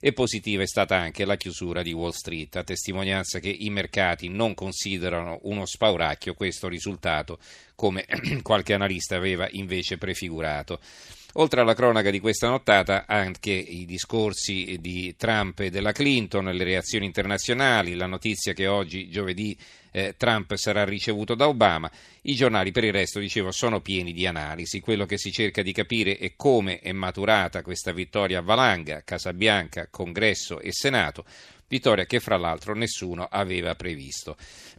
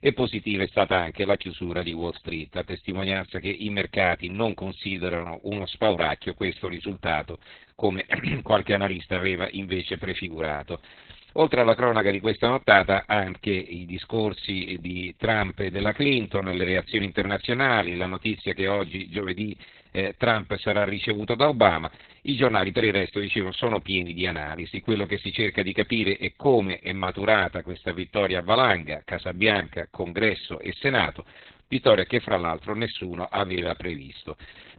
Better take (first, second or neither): first